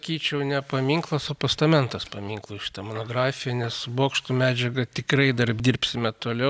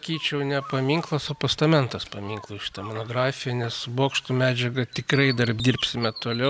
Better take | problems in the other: first | background sound (Bird); 18 dB below the speech

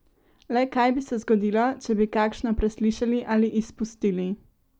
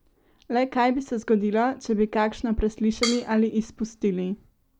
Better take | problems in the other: first | background sound (Drum kit); 12 dB below the speech

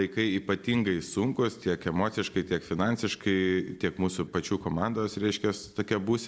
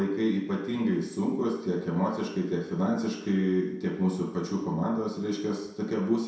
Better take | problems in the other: first | room echo; dies away in 0.7 s

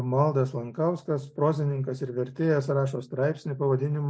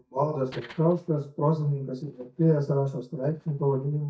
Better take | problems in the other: first | noise reduction (neural mask model DeepFilterNet 3)

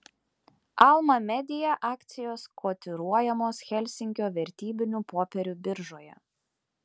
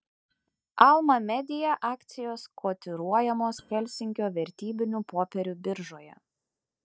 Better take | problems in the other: first | noise reduction (neural mask model DeepFilterNet 3)

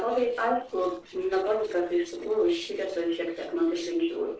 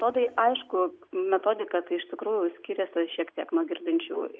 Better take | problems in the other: second | noise reduction (neural separator model SepFormer DNS4)

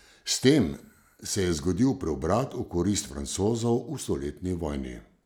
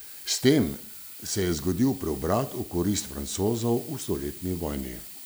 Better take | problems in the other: first | background sound (Sink (filling or washing)); 14 dB below the speech

